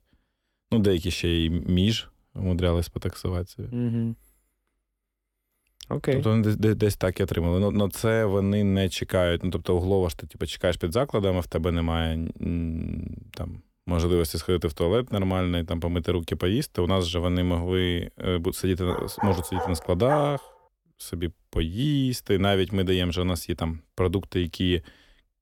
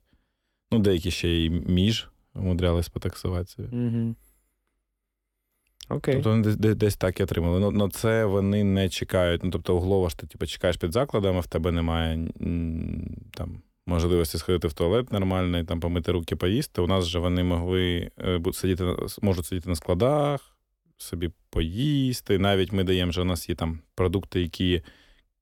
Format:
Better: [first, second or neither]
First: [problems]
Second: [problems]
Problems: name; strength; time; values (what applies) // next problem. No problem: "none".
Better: second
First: dog barking; noticeable; from 19 to 20 s; peak 5 dB below the speech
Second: none